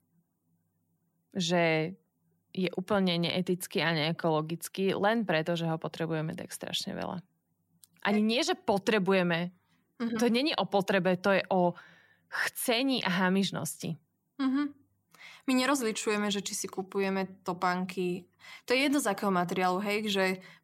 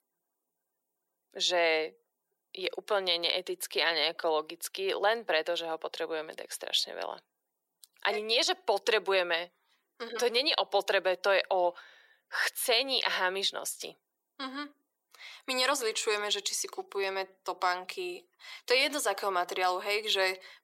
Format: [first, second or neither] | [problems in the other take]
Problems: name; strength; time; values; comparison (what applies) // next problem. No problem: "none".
first | thin; very; fading below 450 Hz